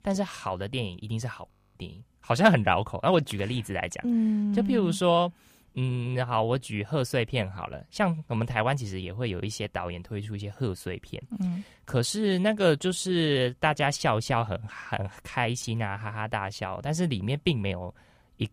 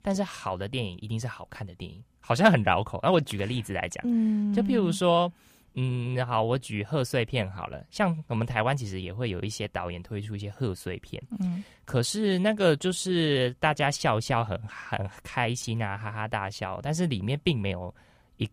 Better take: second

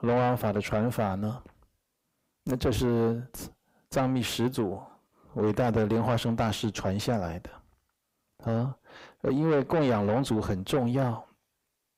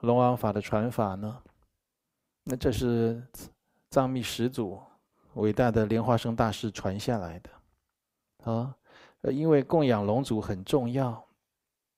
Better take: second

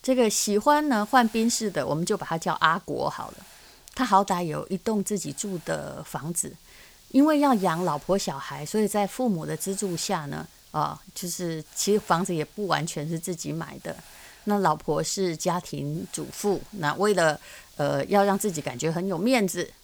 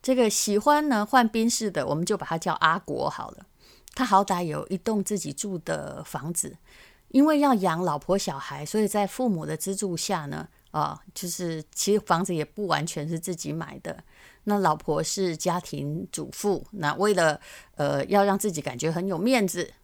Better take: second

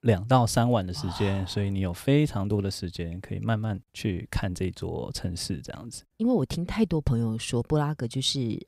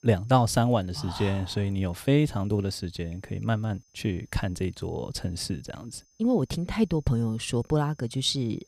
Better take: first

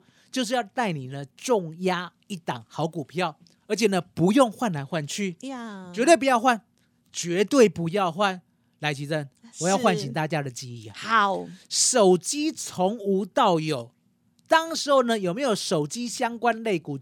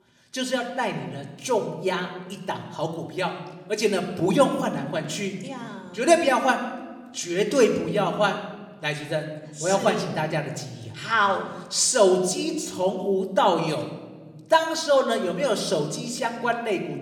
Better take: first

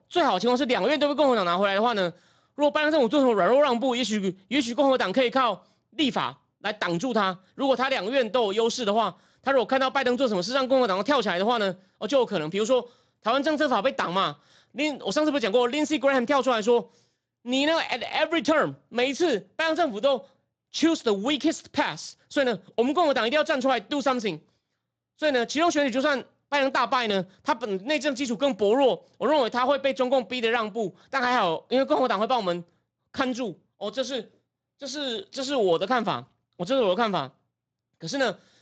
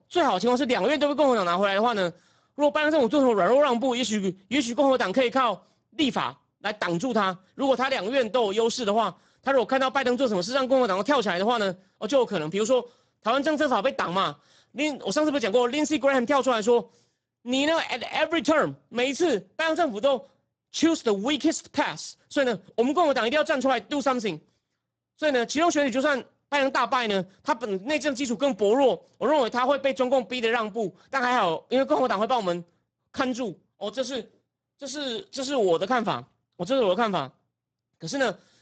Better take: first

